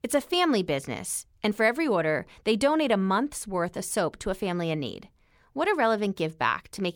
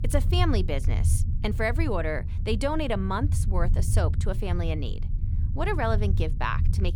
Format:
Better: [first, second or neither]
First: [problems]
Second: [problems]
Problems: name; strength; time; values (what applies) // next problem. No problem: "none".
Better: first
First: none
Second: low rumble; noticeable; throughout; 15 dB below the speech